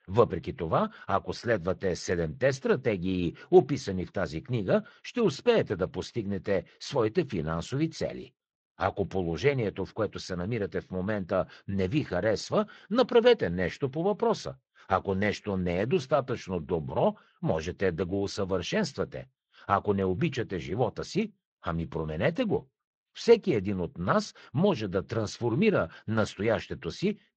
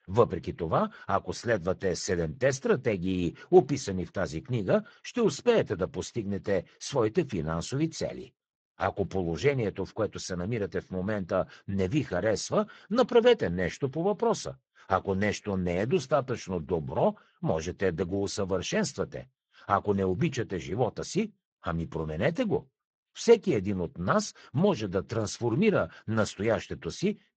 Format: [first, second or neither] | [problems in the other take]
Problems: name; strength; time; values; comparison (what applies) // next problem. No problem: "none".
first | garbled, watery; badly; nothing above 7.5 kHz; slightly in the first